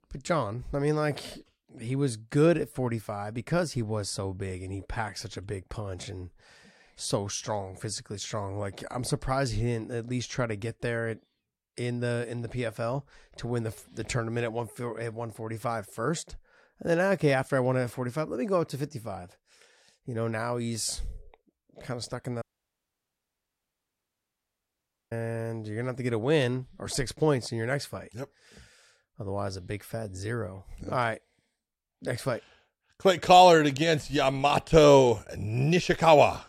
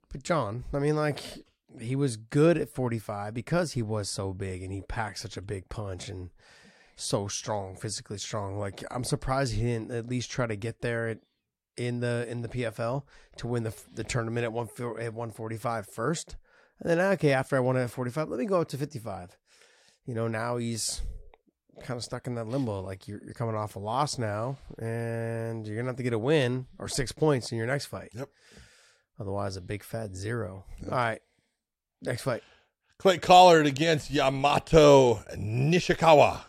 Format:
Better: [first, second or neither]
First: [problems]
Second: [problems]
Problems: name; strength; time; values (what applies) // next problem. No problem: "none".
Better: second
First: audio cutting out; at 22 s for 2.5 s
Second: none